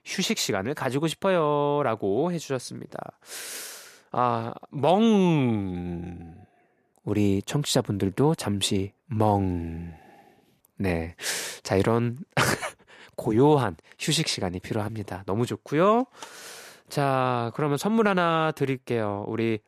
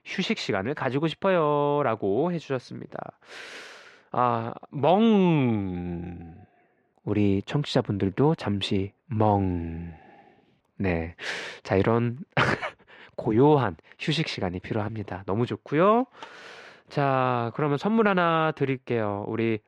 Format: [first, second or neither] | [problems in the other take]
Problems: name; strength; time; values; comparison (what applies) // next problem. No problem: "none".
first | muffled; slightly; fading above 3 kHz